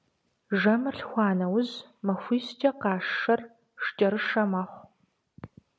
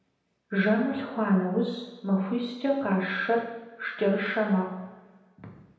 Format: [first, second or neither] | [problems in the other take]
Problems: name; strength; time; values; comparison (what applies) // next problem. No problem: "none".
first | room echo; dies away in 0.9 s